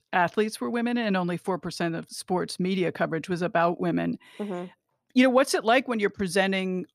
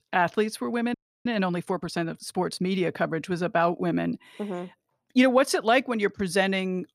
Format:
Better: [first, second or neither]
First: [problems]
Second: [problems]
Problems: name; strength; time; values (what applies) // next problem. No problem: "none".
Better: first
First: none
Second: audio freezing; at 1 s